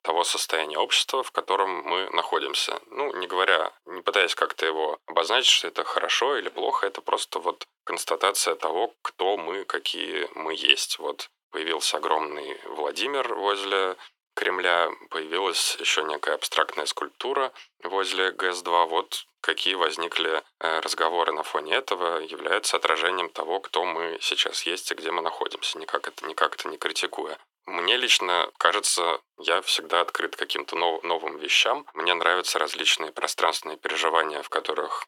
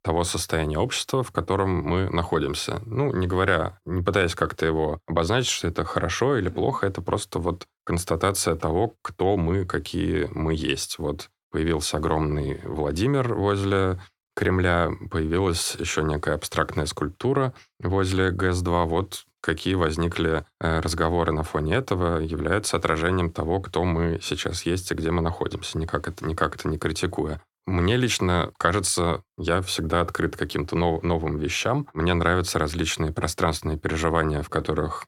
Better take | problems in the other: second | thin; very; fading below 450 Hz

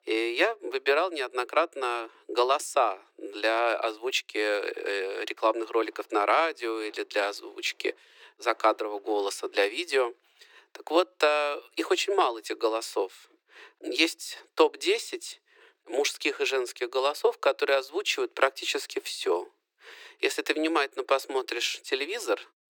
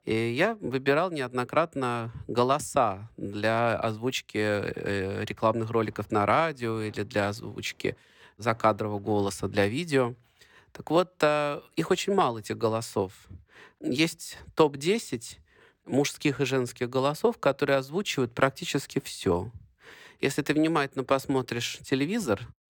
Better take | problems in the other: second | thin; very; fading below 350 Hz

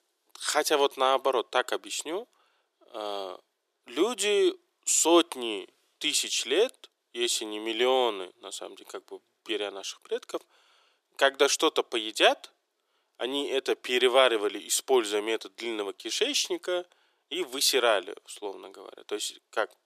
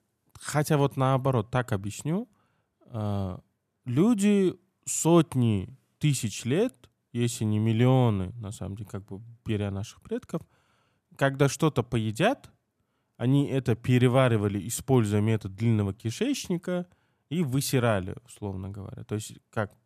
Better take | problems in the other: second | thin; very; fading below 350 Hz

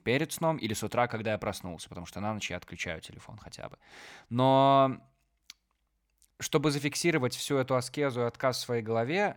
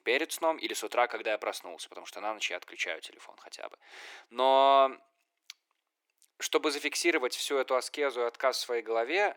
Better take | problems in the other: first | thin; very; fading below 350 Hz

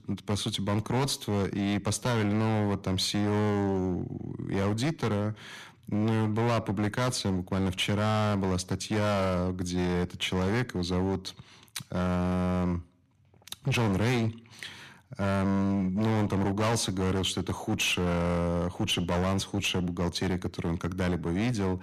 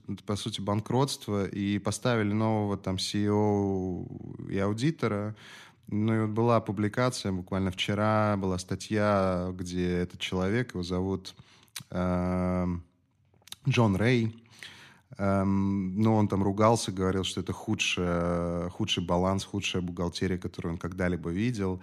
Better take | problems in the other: second | distortion; heavy; 22% of the sound clipped

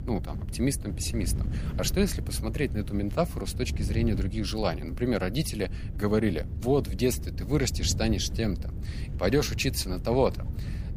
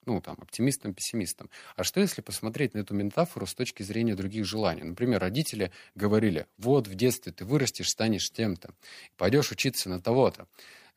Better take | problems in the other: second | wind noise on the microphone; occasional gusts; 15 dB below the speech

